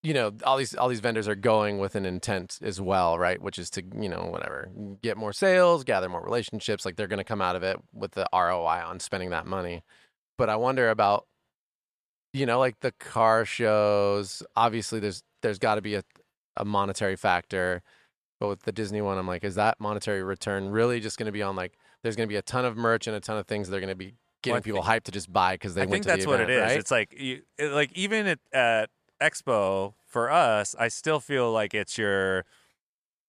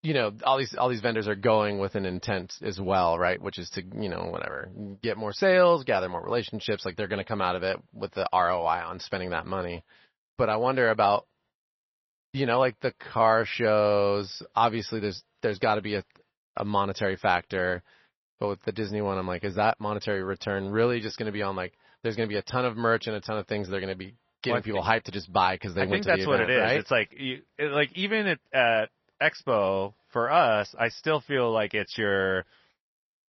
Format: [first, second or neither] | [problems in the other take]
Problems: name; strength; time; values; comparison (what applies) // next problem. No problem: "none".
first | garbled, watery; slightly; nothing above 6 kHz